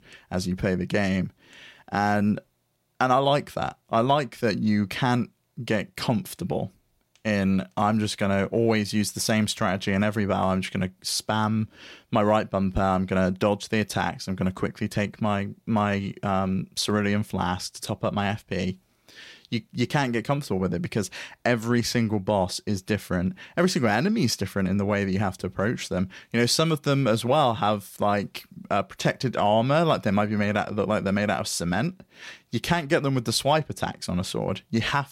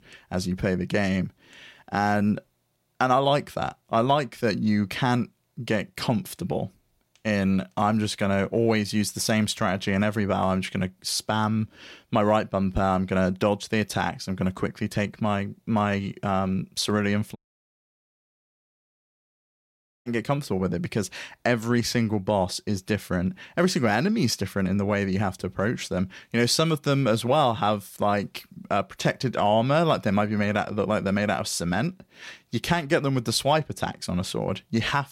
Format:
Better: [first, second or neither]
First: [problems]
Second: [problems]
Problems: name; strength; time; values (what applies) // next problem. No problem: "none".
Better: first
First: none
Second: audio cutting out; at 17 s for 2.5 s